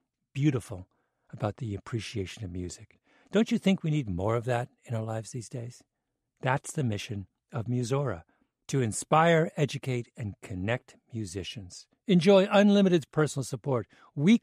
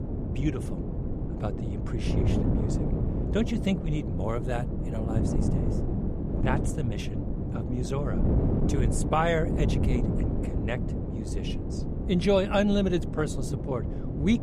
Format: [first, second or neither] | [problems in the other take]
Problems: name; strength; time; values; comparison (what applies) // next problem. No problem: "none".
first | wind noise on the microphone; heavy; 5 dB below the speech